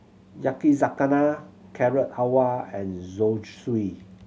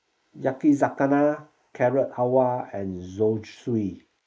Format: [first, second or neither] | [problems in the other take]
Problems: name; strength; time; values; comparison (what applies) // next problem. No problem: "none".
first | noise reduction (neural mask model Resemble Enhance denoiser)